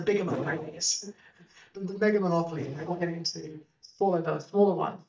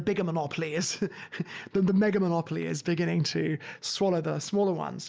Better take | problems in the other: second | noise reduction (neural mask model DeepFilterNet 3)

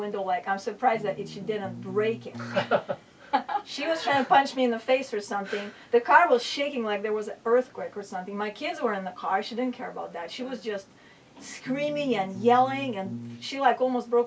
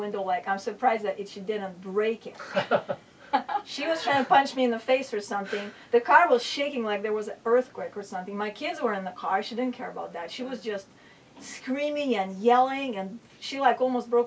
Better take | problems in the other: second | background sound (Bass guitar); 14 dB below the speech

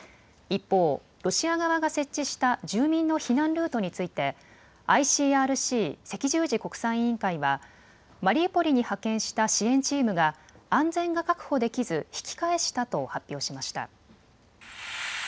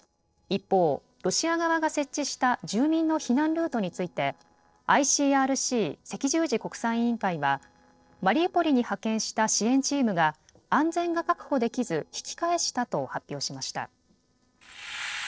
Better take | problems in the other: first | noise reduction (neural separator model SepFormer DNS4)

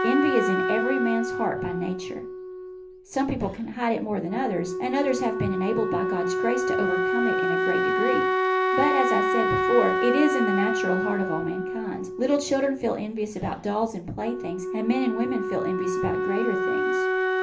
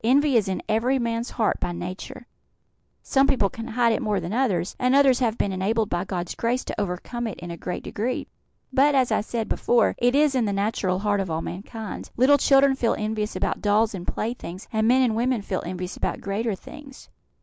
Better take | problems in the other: second | background sound (Wind instrument, woodwind instrument); 1 dB above the speech // room echo; dies away in 0.3 s

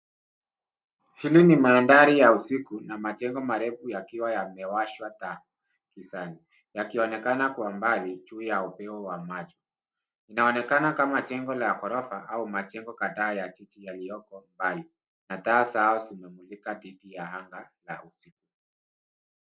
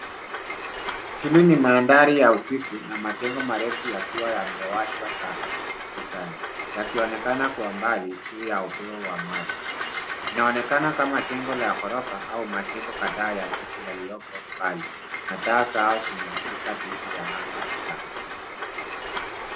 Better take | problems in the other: first | background sound (Train); 7 dB below the speech

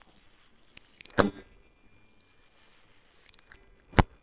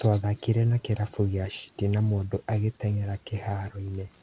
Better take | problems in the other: second | noise reduction (neural separator model SepFormer WHAMR!)

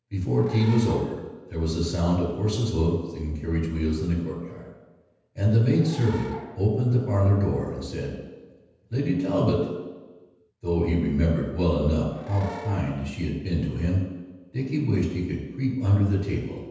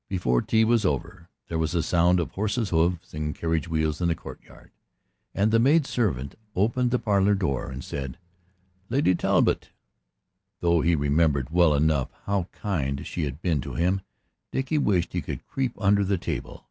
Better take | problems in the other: second | background sound (Animal / Brass instrument); 19 dB below the speech // room echo; dies away in 1.1 s

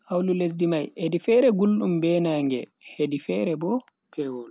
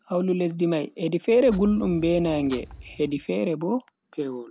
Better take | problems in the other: first | background sound (Clock); 18 dB below the speech

